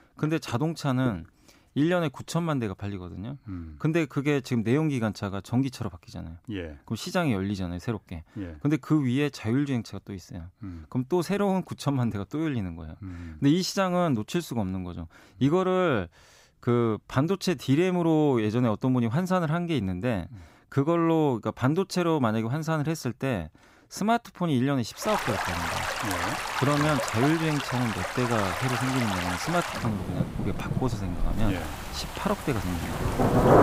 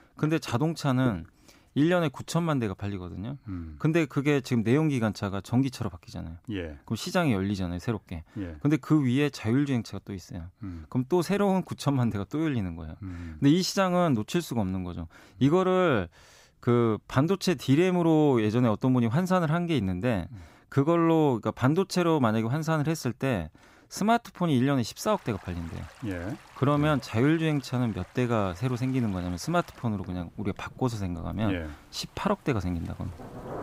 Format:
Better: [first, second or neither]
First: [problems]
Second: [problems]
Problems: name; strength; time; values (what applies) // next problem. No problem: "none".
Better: second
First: rain or running water; loud; from 25 s on; 2 dB below the speech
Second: rain or running water; faint; from 25 s on; 25 dB below the speech